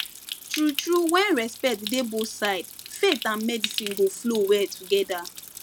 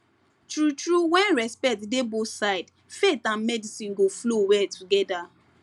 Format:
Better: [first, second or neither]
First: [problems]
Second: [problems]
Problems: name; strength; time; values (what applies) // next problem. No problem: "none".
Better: second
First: background sound (Stream); 11 dB below the speech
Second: none